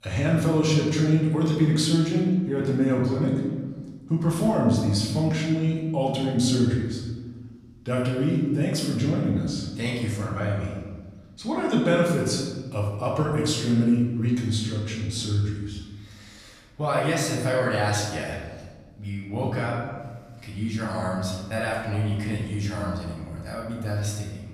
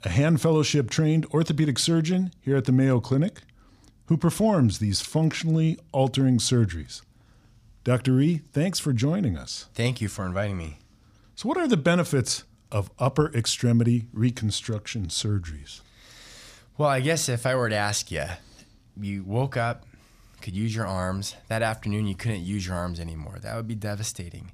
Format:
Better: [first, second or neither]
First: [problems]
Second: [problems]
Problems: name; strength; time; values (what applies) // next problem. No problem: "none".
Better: second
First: room echo; noticeable; dies away in 1.2 s // off-mic speech; far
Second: none